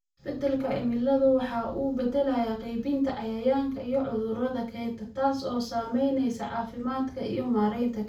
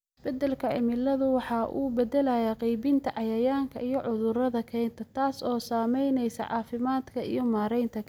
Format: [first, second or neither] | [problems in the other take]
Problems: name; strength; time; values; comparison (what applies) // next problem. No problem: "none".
second | room echo; dies away in 0.3 s